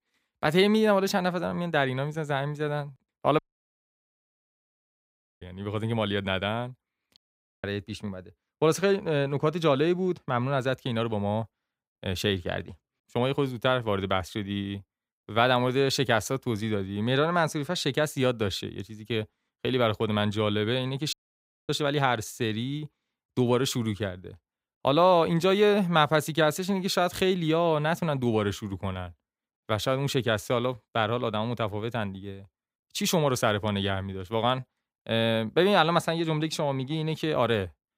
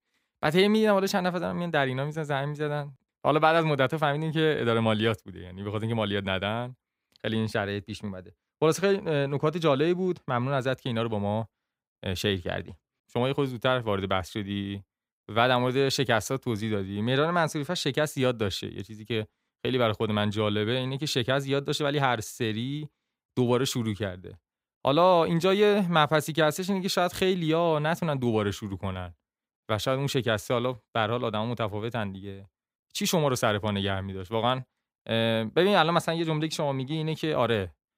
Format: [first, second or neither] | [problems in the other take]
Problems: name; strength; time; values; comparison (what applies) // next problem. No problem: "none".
second | audio cutting out; at 3.5 s for 2 s, at 7 s and at 21 s for 0.5 s